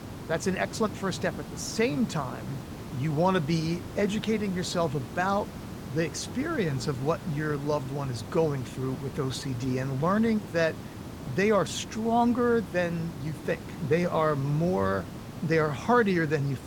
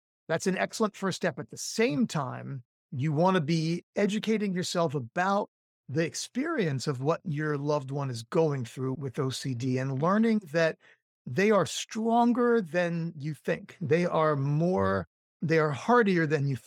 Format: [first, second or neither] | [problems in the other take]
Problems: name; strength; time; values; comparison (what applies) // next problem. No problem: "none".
second | hiss; noticeable; throughout; 10 dB below the speech